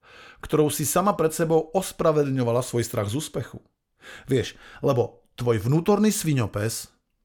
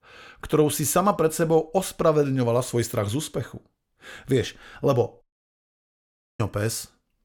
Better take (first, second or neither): first